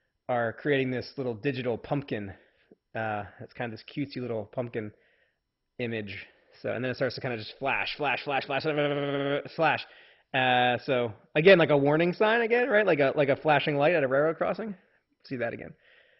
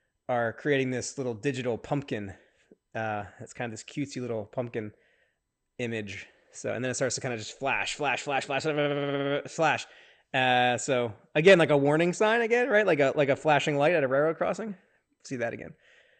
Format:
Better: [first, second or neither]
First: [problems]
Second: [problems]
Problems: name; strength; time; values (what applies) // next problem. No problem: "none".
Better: second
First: garbled, watery; badly; nothing above 5.5 kHz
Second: garbled, watery; slightly; nothing above 8.5 kHz